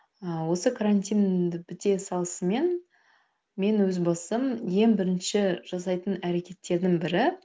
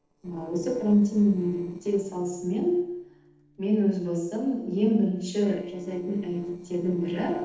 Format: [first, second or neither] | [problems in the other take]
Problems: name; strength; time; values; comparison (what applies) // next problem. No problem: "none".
first | noise reduction (neural separator model SepFormer DNS4)